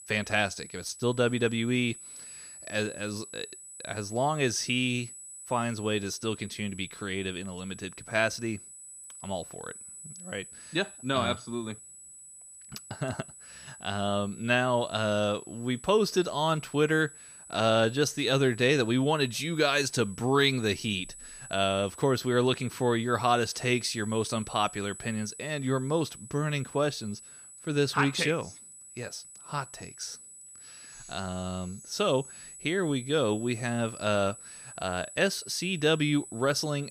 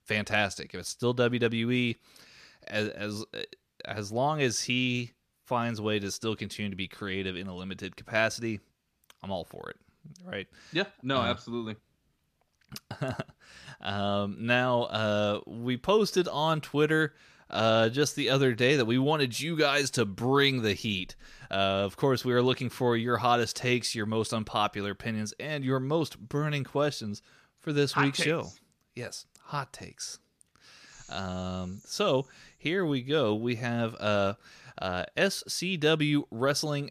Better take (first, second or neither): second